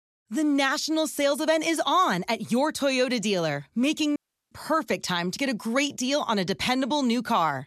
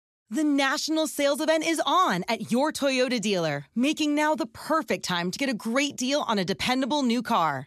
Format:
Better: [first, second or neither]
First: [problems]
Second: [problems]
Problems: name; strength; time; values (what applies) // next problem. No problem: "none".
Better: second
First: audio cutting out; at 4 s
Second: none